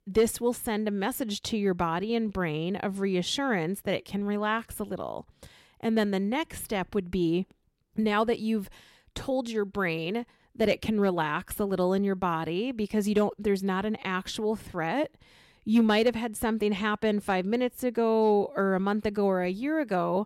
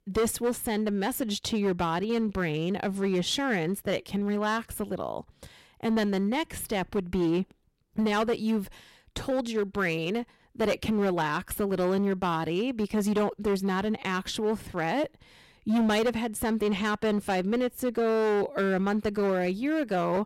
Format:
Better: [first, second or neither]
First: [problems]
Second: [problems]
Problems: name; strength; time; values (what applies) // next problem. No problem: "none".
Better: first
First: none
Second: distortion; slight; 10% of the sound clipped